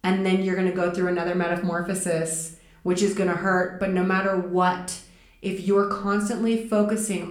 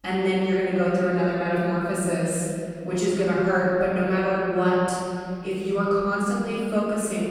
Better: first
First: room echo; slight; dies away in 0.5 s // off-mic speech; somewhat distant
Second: room echo; strong; dies away in 2.5 s // off-mic speech; far

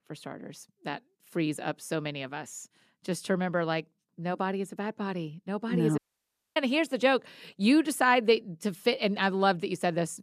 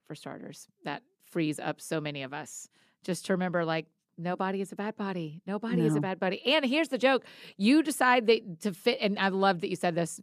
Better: second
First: audio cutting out; at 6 s for 0.5 s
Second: none

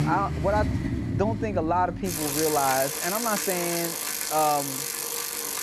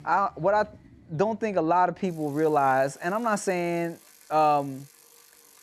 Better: second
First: traffic noise; loud; throughout; 1 dB below the speech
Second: traffic noise; faint; throughout; 25 dB below the speech

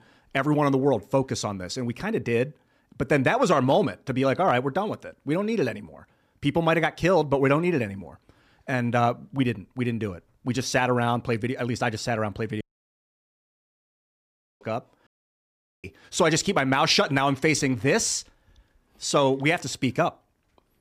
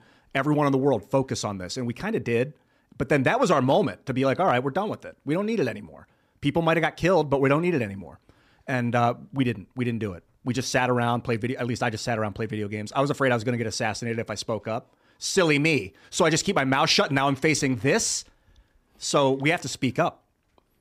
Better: second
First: audio cutting out; at 13 s for 2 s and at 15 s for 1 s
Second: none

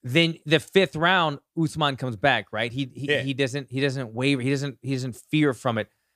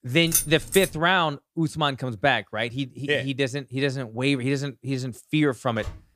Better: first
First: none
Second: jangling keys; loud; at 0.5 s; peak 1 dB above the speech // door banging; very faint; at 6 s; peak 15 dB below the speech

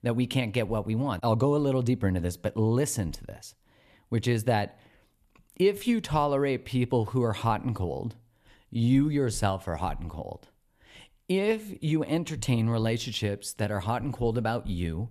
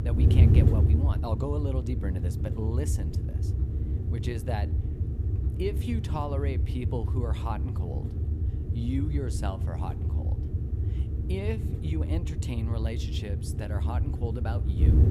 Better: first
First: none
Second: wind noise on the microphone; heavy; 3 dB below the speech

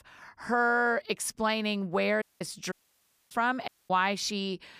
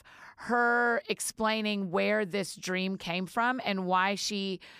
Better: second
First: audio cutting out; at 2 s, at 2.5 s for 0.5 s and at 3.5 s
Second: none

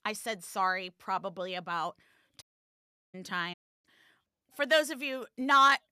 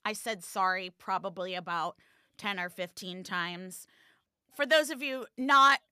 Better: second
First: audio cutting out; at 2.5 s for 0.5 s and at 3.5 s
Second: none

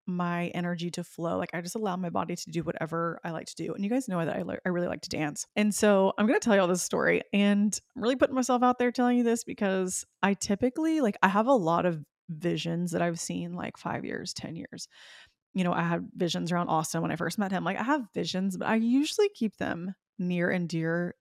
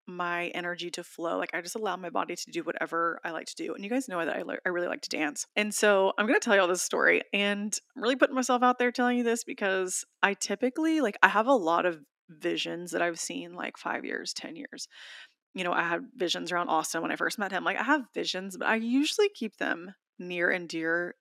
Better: first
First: none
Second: thin; very slightly; fading below 250 Hz

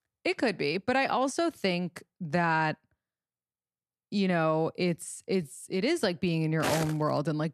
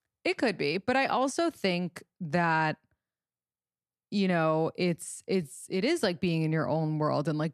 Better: second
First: footsteps; noticeable; at 6.5 s; peak 3 dB below the speech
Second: none

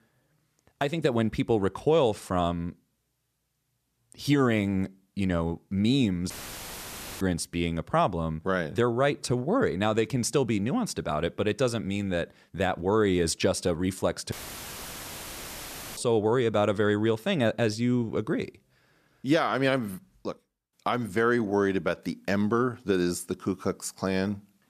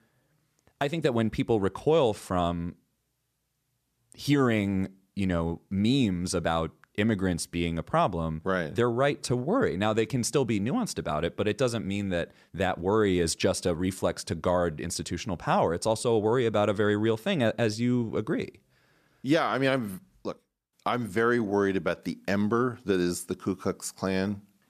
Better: second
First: audio cutting out; filled with static; at 6.5 s for 1 s and at 14 s for 1.5 s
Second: none

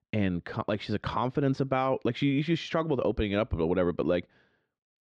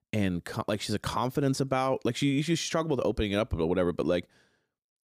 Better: second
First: muffled; slightly; fading above 3.5 kHz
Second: none

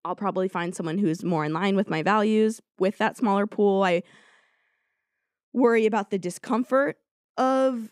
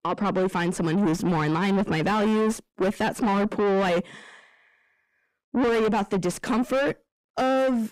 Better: first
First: none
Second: distortion; heavy; 6 dB below the speech

